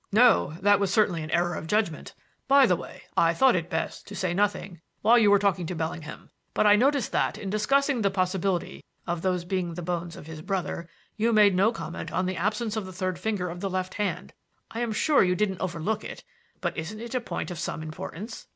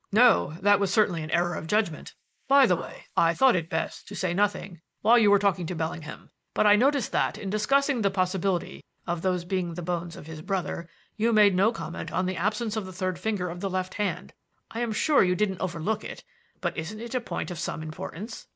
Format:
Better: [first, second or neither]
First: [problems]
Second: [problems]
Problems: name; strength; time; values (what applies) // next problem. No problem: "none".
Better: first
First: none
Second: noise reduction (neural mask model Resemble Enhance denoiser)